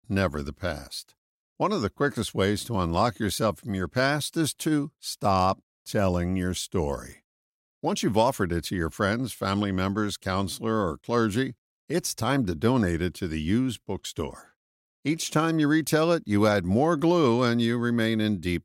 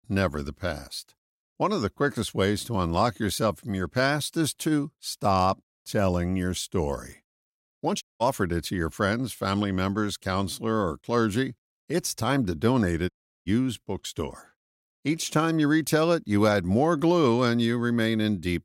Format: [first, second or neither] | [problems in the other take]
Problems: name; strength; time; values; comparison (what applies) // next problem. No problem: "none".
first | audio cutting out; at 8 s and at 13 s